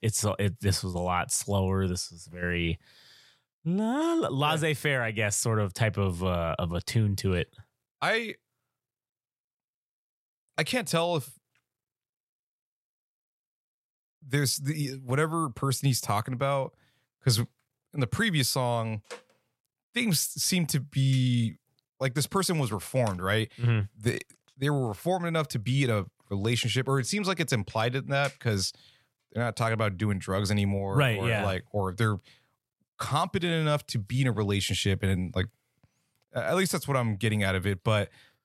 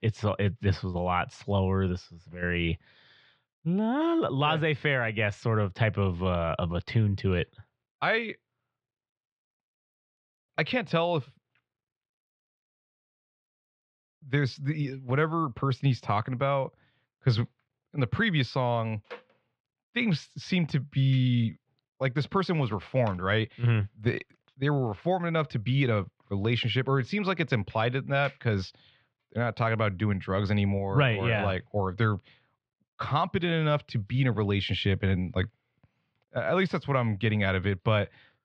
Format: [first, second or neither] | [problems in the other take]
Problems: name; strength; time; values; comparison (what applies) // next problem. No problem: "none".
first | muffled; slightly; fading above 3.5 kHz